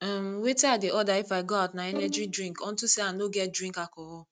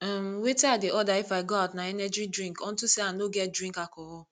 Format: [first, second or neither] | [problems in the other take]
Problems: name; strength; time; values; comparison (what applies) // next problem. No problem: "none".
second | noise reduction (neural mask model RNNoise)